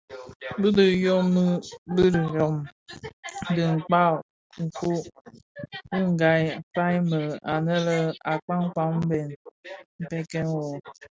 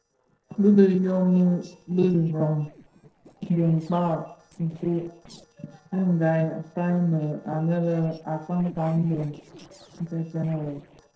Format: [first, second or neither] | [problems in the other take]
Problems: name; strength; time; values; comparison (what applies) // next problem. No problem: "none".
first | noise reduction (neural separator model SepFormer DNS4)